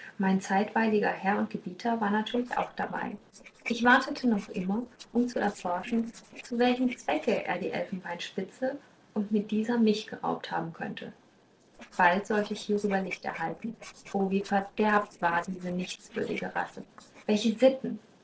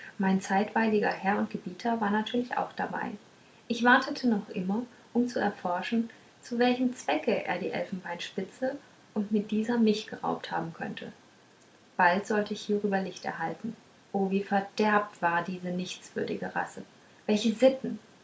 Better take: second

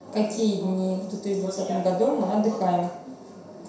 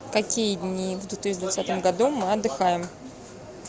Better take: second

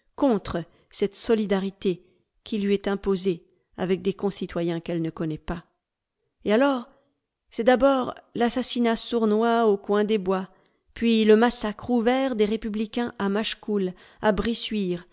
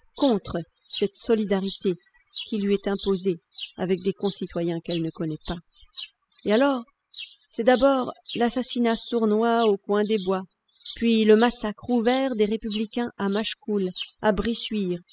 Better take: first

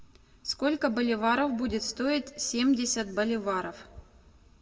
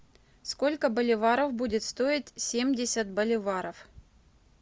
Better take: second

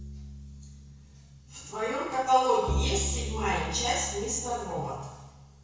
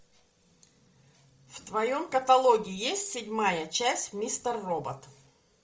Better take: second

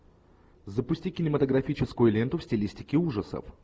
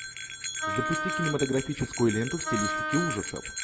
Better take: first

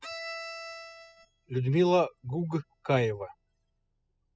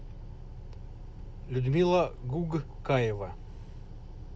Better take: second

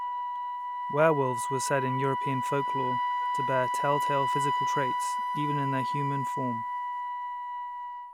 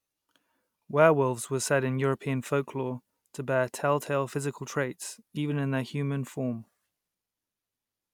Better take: second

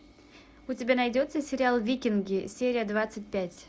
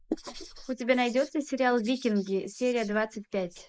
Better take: first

